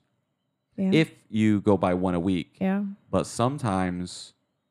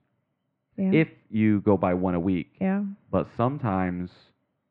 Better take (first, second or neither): first